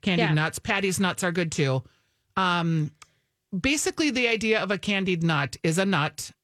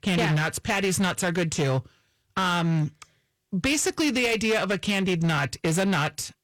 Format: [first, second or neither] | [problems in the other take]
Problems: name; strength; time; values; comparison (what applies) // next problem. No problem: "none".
first | distortion; slight; 12% of the sound clipped